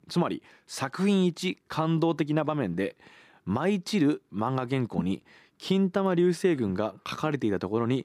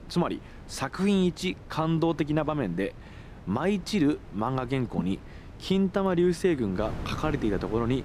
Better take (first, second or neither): first